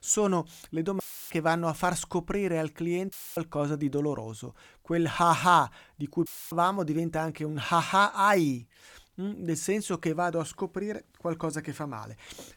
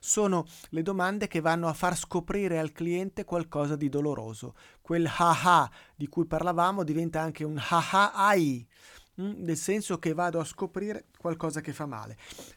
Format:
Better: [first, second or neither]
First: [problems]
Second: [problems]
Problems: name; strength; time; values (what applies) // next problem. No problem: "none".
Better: second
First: audio cutting out; filled with static; at 1 s, at 3 s and at 6.5 s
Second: none